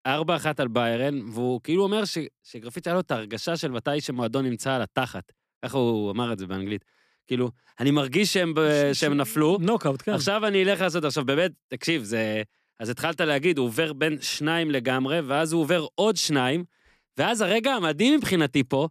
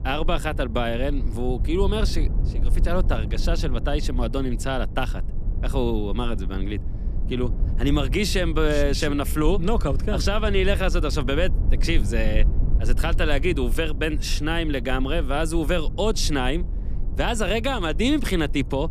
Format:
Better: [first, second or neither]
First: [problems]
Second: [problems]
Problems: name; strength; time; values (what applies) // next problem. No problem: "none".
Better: first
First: none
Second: low rumble; noticeable; throughout; 15 dB below the speech